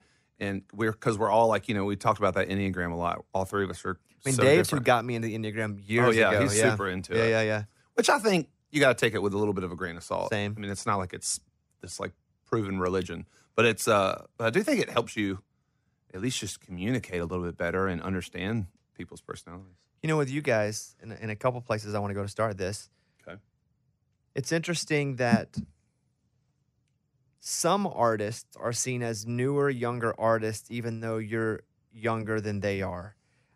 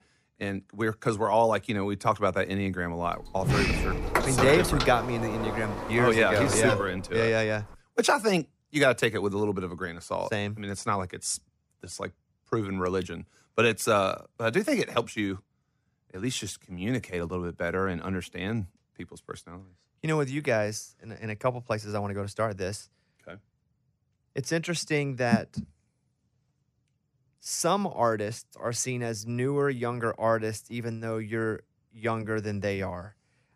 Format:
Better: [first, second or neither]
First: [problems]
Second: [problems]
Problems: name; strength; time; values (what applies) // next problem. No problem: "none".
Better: first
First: none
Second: door banging; loud; from 3 to 7 s; peak 3 dB above the speech